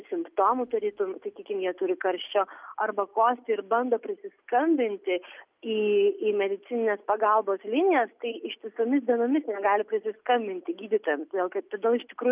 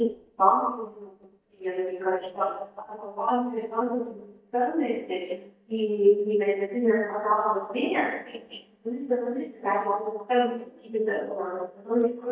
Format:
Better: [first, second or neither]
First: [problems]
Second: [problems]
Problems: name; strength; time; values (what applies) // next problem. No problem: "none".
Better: first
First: none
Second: noise reduction (neural mask model DeepFilterNet 3)